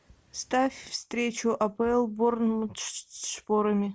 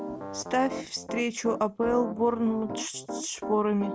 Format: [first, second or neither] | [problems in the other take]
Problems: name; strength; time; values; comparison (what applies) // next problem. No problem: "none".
first | background sound (Piano); 9 dB below the speech